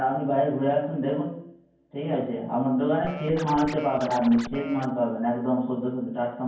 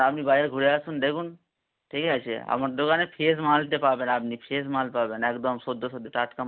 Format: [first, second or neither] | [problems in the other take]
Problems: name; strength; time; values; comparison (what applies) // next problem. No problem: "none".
second | background sound (Scratching (performance technique)); 12 dB below the speech // room echo; dies away in 0.9 s